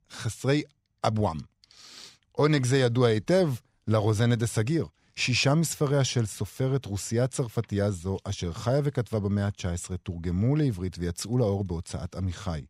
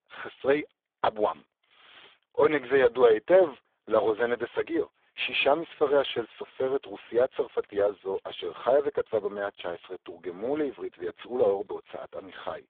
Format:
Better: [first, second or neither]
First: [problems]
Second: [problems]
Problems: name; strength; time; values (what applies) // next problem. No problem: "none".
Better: first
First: none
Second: phone-call audio; poor line